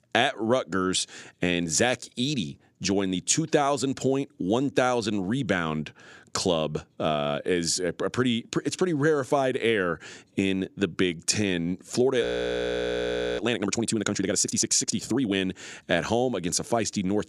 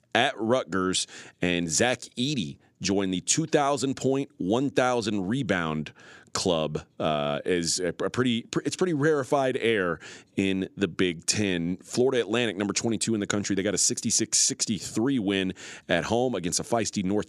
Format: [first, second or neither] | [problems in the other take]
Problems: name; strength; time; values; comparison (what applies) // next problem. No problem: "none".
second | audio freezing; at 12 s for 1 s